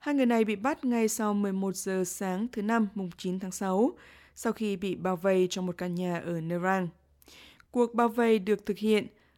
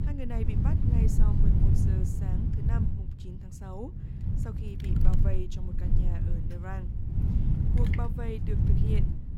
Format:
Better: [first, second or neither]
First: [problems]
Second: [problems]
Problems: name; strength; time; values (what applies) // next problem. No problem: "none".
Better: first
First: none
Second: wind noise on the microphone; heavy; 3 dB above the speech